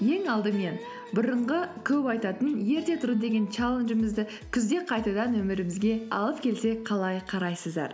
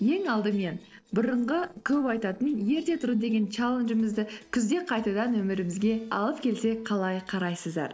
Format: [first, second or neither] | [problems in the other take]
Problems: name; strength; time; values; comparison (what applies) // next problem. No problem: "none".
first | noise reduction (neural separator model SepFormer DNS4)